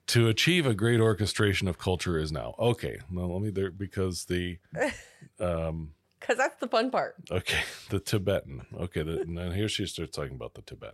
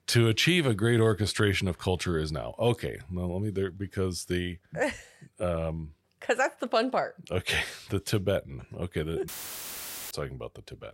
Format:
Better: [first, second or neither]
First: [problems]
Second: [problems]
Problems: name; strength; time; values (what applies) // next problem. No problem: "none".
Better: first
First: none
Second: audio cutting out; filled with static; at 9.5 s for 1 s